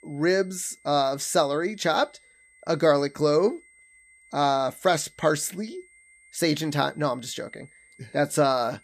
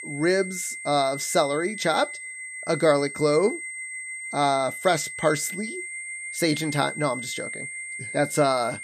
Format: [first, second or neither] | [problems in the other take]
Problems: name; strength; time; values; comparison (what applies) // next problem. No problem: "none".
first | high-pitched whine; loud; throughout; 2 kHz, 9 dB below the speech; faint in the first